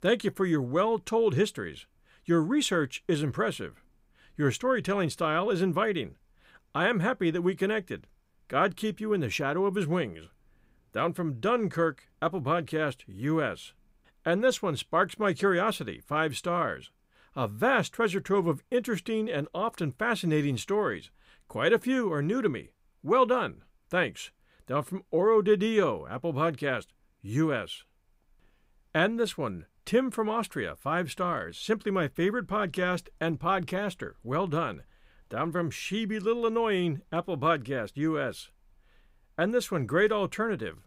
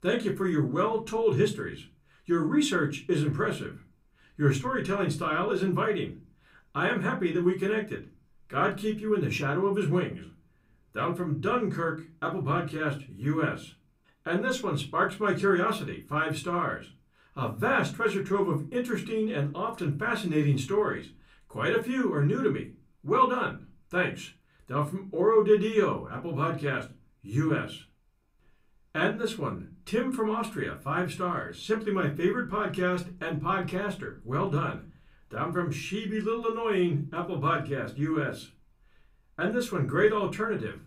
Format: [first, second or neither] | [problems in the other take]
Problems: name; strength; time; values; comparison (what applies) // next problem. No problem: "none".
first | off-mic speech; somewhat distant // room echo; very slight; dies away in 0.3 s